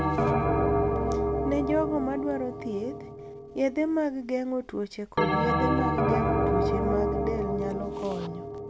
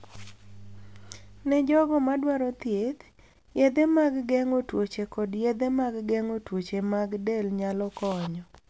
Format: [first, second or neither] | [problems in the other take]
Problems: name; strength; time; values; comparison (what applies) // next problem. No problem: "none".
second | background sound (Bell); 3 dB above the speech